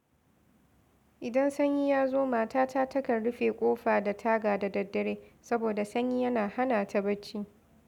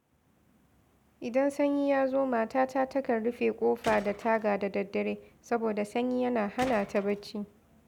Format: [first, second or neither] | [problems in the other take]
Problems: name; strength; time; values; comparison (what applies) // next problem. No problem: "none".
first | background sound (Tools); 15 dB below the speech